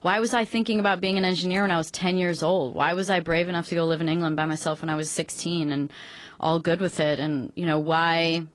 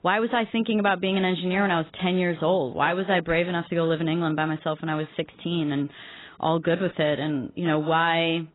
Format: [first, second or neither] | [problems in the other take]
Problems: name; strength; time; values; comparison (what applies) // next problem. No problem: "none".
first | garbled, watery; badly; nothing above 4 kHz; slightly in the first